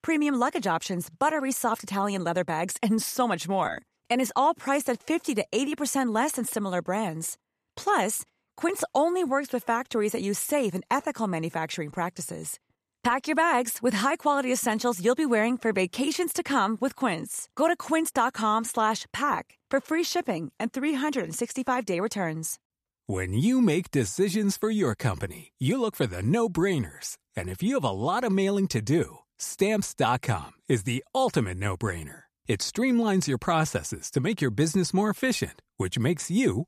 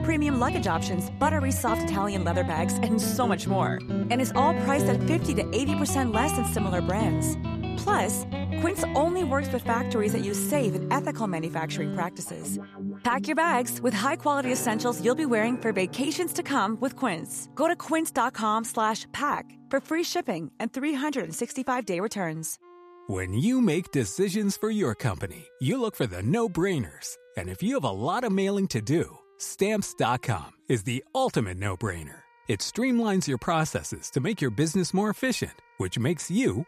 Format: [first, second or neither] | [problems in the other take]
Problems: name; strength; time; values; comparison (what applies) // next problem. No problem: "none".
first | background music; loud; throughout; 4 dB below the speech